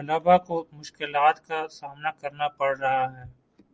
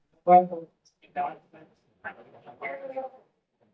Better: first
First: none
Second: noise reduction (neural mask model DeepFilterNet 3)

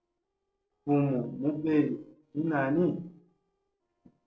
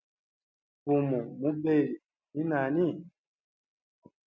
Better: second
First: noise reduction (neural separator model SepFormer DNS4)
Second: none

